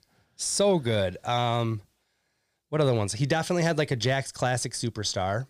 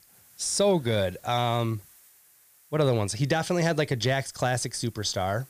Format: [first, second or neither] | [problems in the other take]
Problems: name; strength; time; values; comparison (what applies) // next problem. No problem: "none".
first | hiss; faint; throughout; 25 dB below the speech